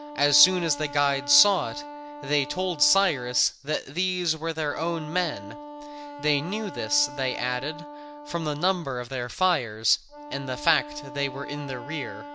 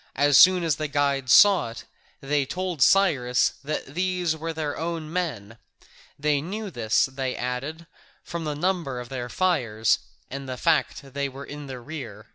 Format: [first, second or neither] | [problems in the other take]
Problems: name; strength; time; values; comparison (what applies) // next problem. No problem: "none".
second | background sound (Wind instrument, woodwind instrument); 13 dB below the speech